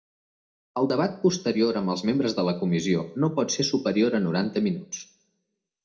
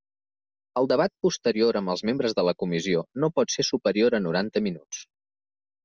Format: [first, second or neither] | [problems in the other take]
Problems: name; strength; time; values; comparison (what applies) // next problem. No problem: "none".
second | room echo; dies away in 0.3 s